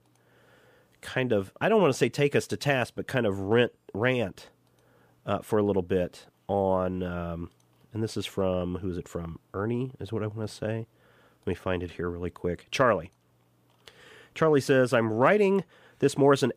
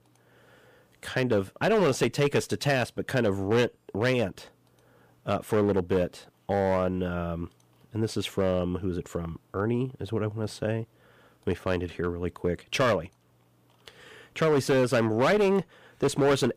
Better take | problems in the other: first | distortion; slight; 6% of the sound clipped

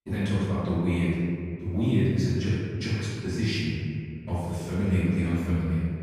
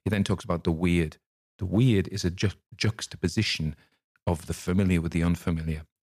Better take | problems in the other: second | room echo; strong; dies away in 2.2 s // off-mic speech; far

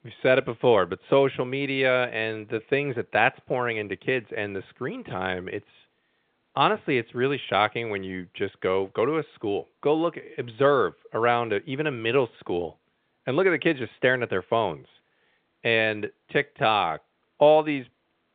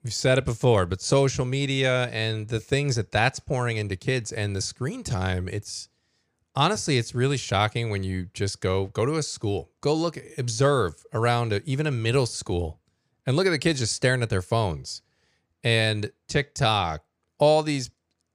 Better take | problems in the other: second | phone-call audio; nothing above 3.5 kHz

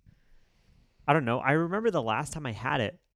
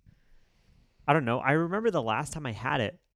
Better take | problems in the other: neither | none

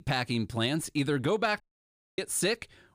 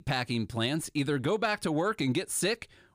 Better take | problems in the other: second | audio cutting out; at 1.5 s for 0.5 s

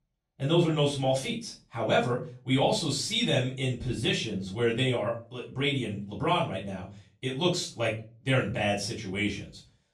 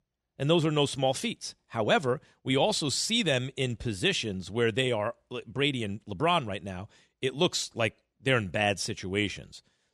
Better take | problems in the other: second | off-mic speech; far // room echo; slight; dies away in 0.3 s

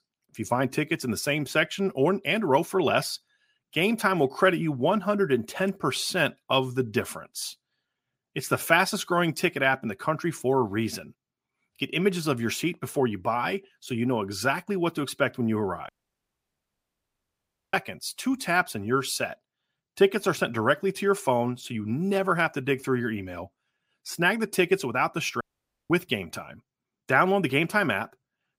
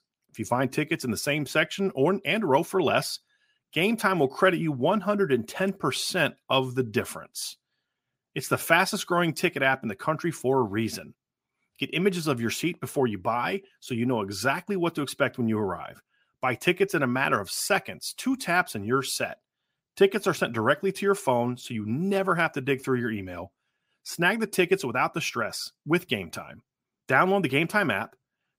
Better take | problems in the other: second | audio cutting out; at 16 s for 2 s and at 25 s

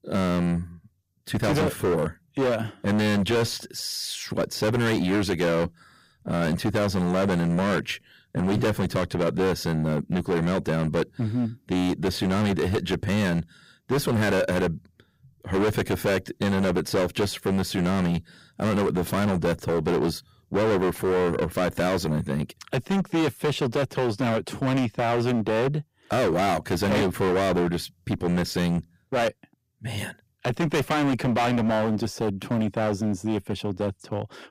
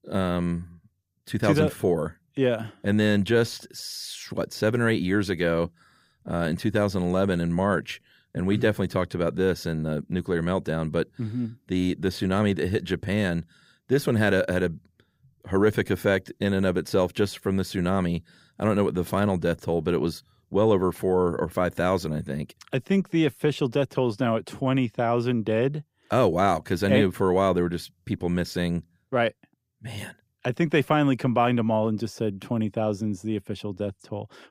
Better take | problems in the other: second | distortion; heavy; 20% of the sound clipped

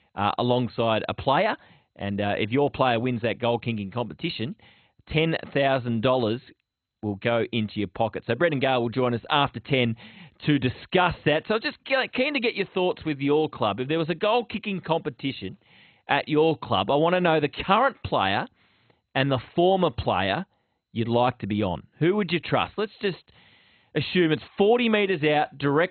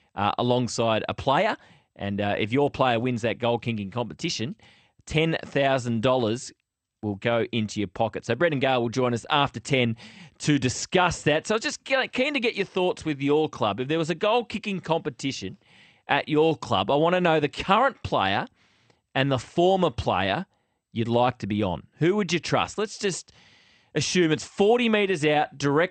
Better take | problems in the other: second | garbled, watery; badly; nothing above 4 kHz; slightly in the second

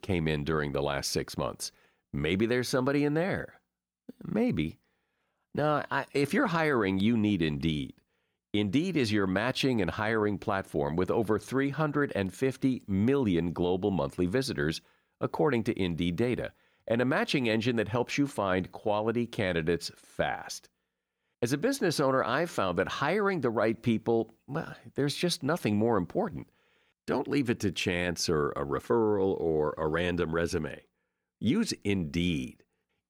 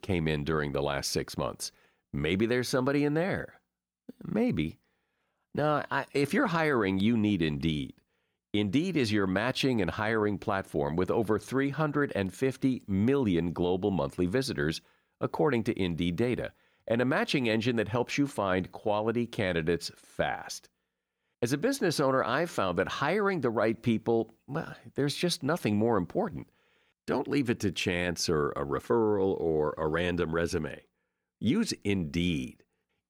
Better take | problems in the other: neither | none

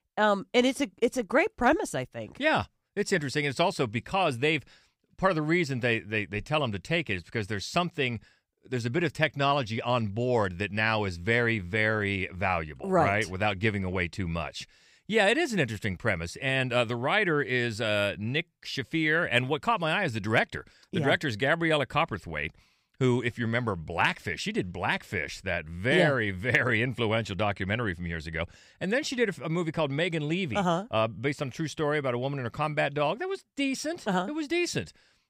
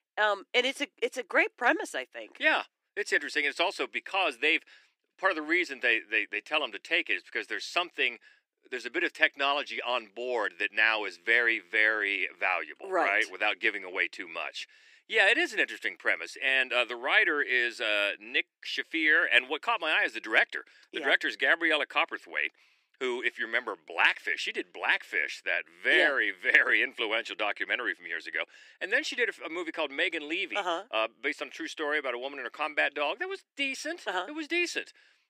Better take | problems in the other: first | thin; very; fading below 300 Hz

